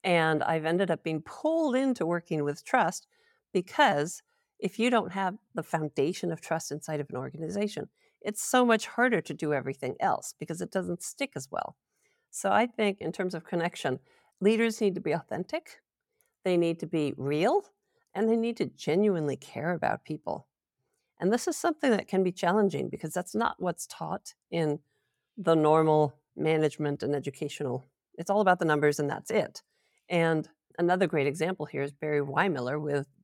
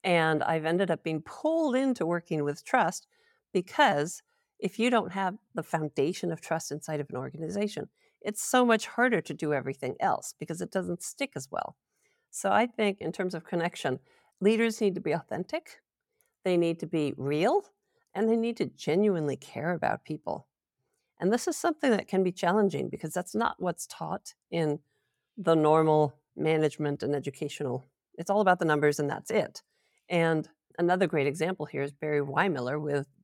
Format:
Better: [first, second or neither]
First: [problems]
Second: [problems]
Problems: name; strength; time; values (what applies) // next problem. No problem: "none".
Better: neither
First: none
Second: none